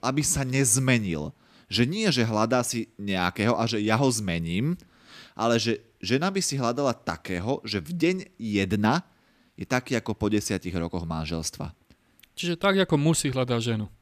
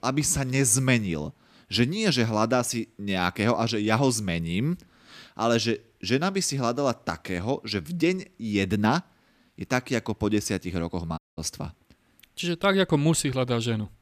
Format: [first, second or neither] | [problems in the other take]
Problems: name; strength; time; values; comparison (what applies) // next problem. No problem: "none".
first | audio cutting out; at 11 s